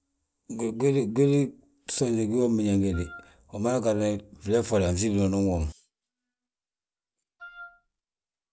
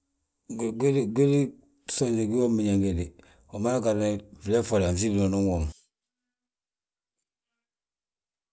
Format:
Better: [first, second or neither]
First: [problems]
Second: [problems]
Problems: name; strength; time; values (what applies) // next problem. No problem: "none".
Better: second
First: background sound (Wind instrument, woodwind instrument); 20 dB below the speech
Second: none